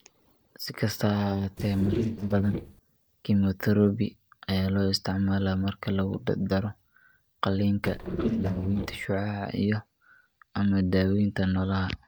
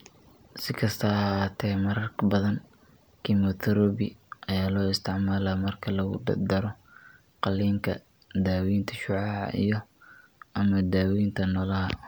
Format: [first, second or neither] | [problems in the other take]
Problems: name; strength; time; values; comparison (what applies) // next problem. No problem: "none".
second | noise reduction (neural mask model DeepFilterNet 3)